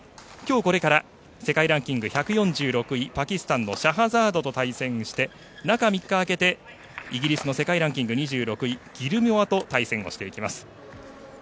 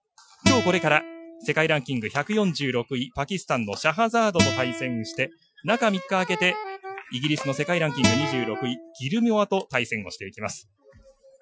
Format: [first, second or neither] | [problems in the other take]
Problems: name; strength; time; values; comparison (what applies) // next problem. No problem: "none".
first | noise reduction (classical method Wiener filter)